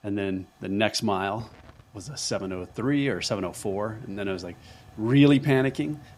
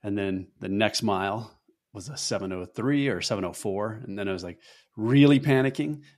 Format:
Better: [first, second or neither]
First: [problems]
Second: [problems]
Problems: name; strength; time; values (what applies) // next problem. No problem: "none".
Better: second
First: hiss; faint; throughout; 25 dB below the speech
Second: none